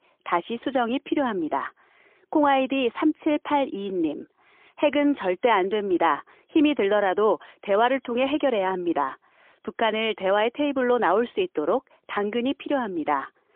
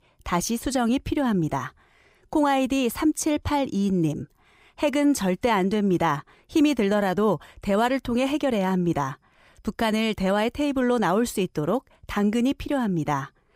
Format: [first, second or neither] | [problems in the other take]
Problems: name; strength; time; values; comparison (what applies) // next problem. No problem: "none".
second | phone-call audio; poor line; nothing above 3.5 kHz